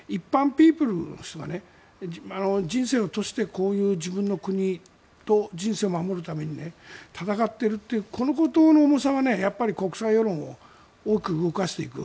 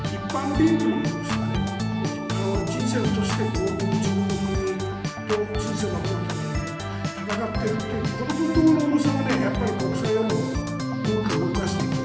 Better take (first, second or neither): first